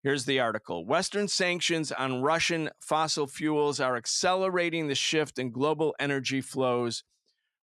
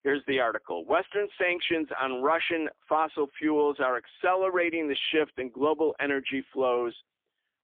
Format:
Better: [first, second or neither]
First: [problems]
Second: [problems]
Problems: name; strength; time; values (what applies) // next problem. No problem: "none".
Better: first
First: none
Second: phone-call audio; poor line; nothing above 3.5 kHz